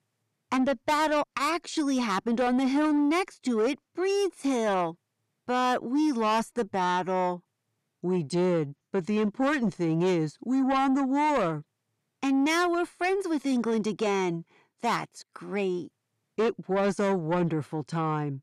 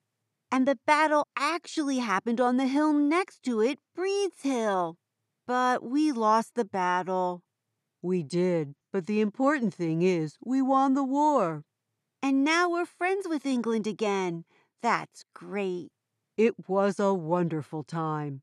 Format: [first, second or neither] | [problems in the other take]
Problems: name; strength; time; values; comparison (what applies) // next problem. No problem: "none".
second | distortion; slight; 10 dB below the speech